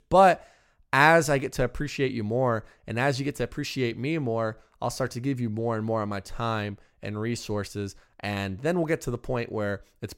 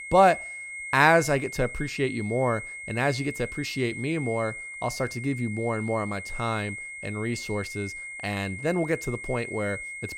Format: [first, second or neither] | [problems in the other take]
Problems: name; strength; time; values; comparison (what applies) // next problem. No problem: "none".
first | high-pitched whine; loud; throughout; 2 kHz, 9 dB below the speech